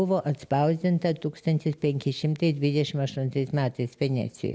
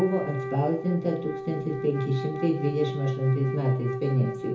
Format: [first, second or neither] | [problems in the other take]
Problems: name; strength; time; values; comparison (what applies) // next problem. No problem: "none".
first | background sound (Wind instrument, woodwind instrument); 8 dB below the speech // room echo; dies away in 0.6 s